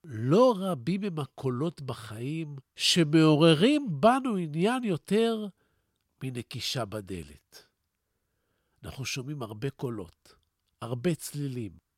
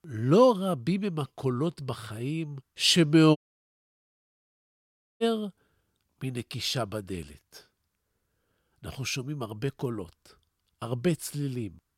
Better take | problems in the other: first | audio cutting out; at 3.5 s for 2 s

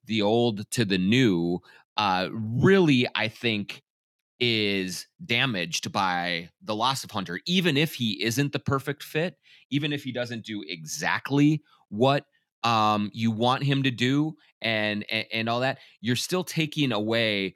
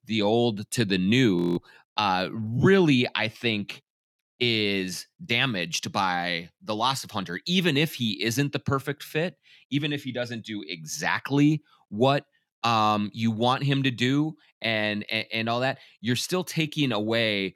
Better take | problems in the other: first | audio freezing; at 1.5 s

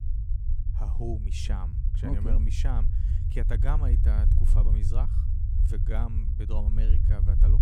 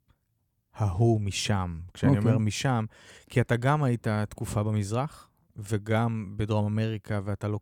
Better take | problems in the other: second | low rumble; loud; throughout; 4 dB below the speech

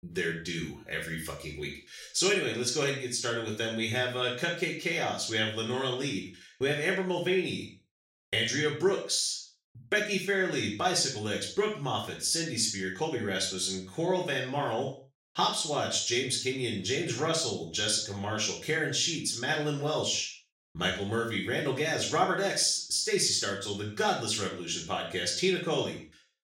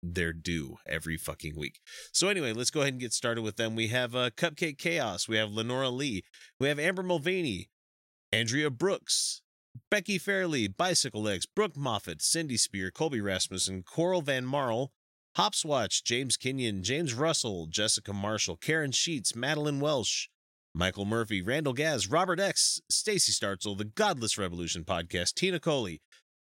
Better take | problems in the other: second | room echo; noticeable; dies away in 0.4 s // off-mic speech; far

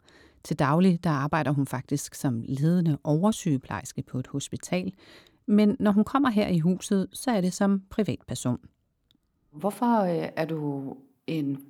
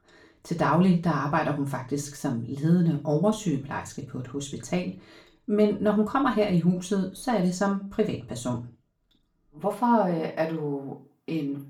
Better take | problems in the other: first | room echo; slight; dies away in 0.3 s // off-mic speech; far

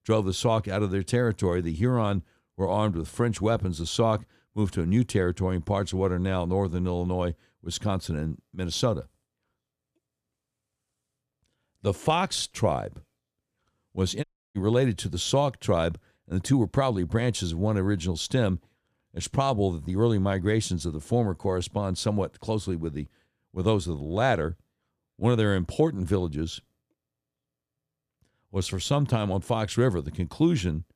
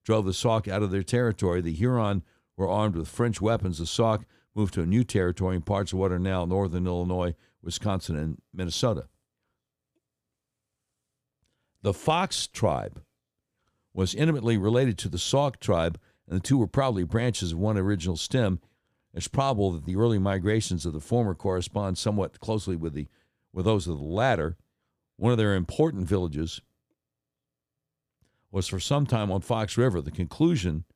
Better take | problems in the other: second | audio cutting out; at 14 s

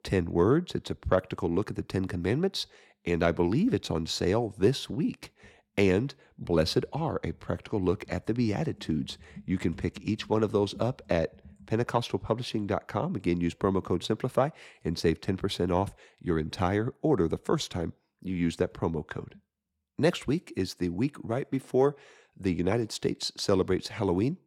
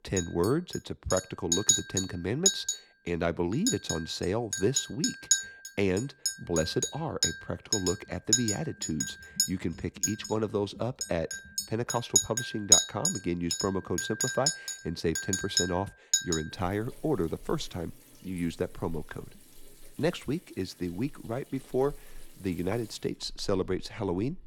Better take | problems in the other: first | household noises; very loud; throughout; 4 dB above the speech

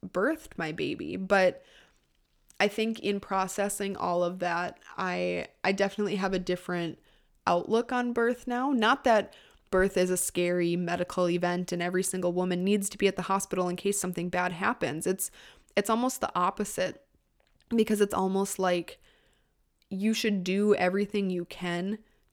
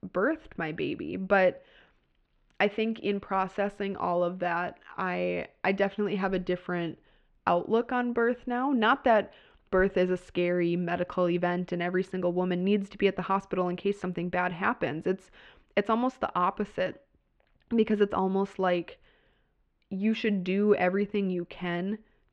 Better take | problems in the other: first | muffled; very; fading above 3 kHz

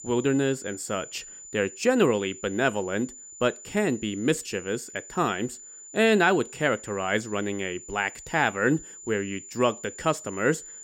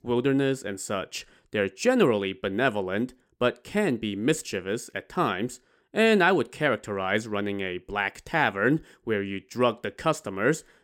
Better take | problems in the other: second | high-pitched whine; noticeable; throughout; 7 kHz, 15 dB below the speech

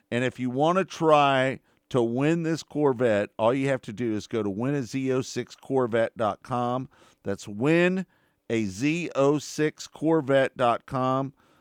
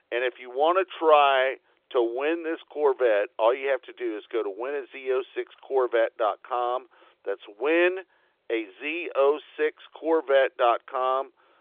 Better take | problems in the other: first | phone-call audio; nothing above 3.5 kHz

